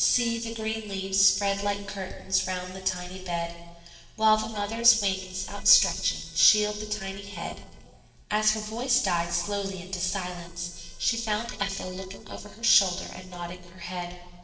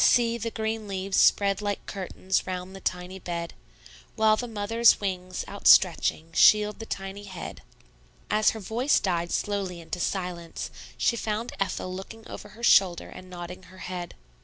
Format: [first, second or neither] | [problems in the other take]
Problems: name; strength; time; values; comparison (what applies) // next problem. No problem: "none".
second | noise reduction (neural separator model SepFormer DNS4)